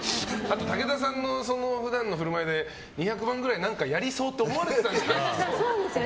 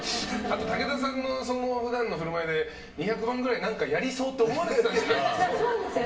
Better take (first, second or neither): first